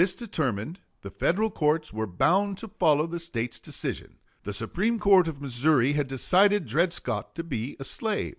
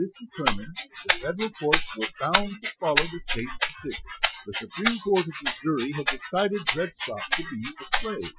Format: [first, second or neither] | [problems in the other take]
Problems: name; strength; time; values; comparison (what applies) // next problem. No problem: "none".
first | noise reduction (classical method Wiener filter)